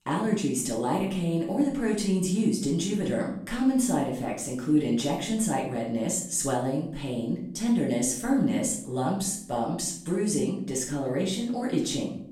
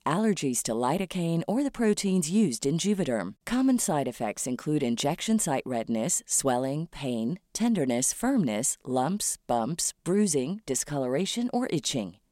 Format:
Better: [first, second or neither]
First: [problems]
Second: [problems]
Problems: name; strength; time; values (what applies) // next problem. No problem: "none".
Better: second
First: off-mic speech; far // room echo; noticeable; dies away in 0.5 s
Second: none